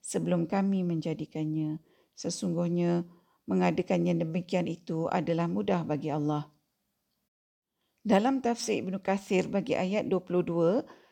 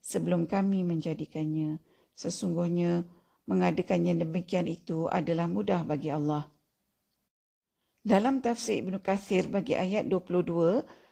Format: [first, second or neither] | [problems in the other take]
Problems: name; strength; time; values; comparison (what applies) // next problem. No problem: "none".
first | garbled, watery; slightly; nothing above 15.5 kHz